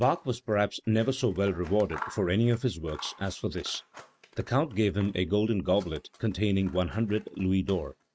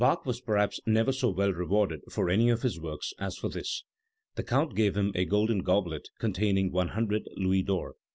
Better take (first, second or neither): second